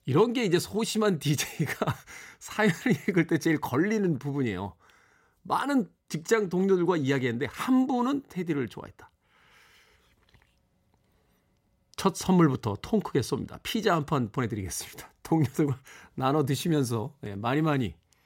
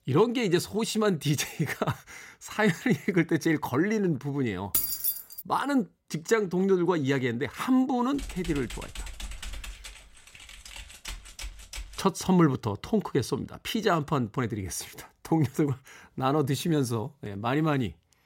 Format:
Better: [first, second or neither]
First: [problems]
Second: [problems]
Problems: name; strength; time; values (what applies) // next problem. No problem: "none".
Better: first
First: none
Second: jangling keys; loud; at 4.5 s; peak 3 dB above the speech // keyboard typing; faint; from 8 to 12 s; peak 10 dB below the speech